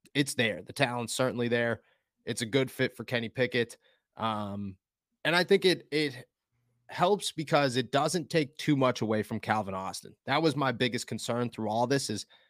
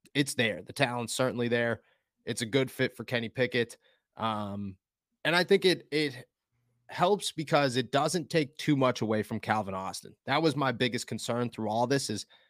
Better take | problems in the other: neither | none

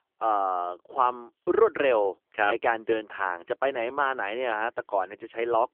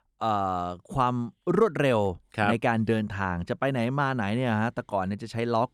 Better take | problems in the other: second | phone-call audio; poor line; nothing above 3 kHz

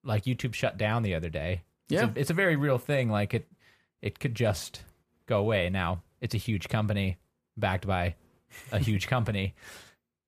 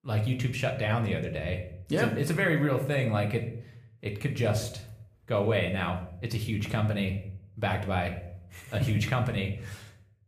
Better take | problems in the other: first | room echo; slight; dies away in 0.5 s

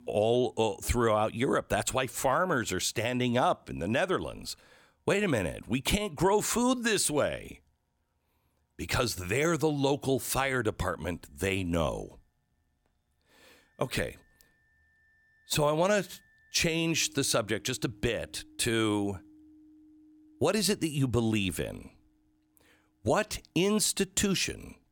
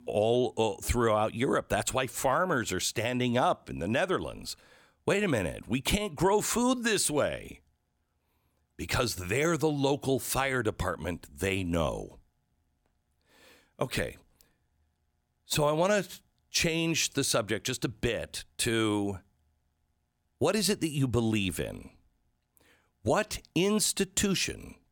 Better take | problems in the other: second | background music; faint; throughout; 30 dB below the speech

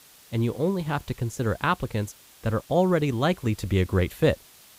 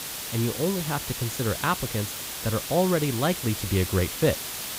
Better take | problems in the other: first | hiss; loud; throughout; 4 dB below the speech; faint in the first

